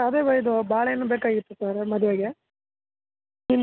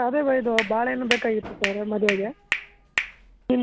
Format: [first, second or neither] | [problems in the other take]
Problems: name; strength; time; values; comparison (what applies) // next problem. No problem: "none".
first | background sound (Hands); 6 dB below the speech